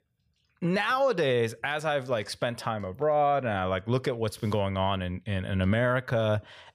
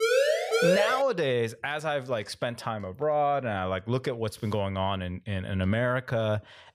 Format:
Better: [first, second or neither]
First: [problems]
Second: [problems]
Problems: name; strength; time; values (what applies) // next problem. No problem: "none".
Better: first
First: none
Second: siren; loud; until 1 s; peak 6 dB above the speech